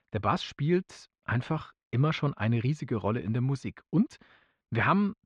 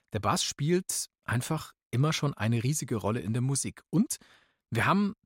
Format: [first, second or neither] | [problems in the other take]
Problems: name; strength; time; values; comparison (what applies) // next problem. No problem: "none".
second | muffled; very; fading above 3 kHz